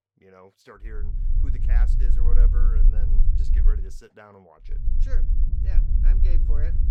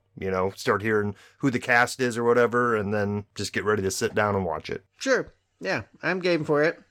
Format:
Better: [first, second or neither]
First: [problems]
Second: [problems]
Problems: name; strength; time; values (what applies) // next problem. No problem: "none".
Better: second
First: low rumble; loud; from 1 to 4 s and from 5 s on; 1 dB below the speech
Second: none